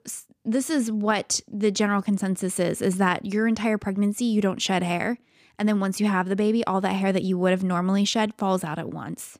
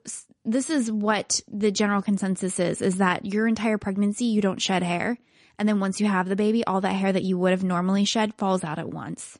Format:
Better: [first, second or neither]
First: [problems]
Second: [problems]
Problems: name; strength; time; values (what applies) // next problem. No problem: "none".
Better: first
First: none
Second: garbled, watery; slightly; nothing above 10.5 kHz